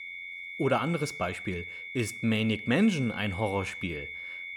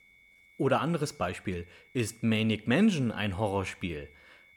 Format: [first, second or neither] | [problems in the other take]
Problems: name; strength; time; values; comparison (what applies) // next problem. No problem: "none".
second | high-pitched whine; loud; throughout; 2 kHz, 9 dB below the speech; faint in the second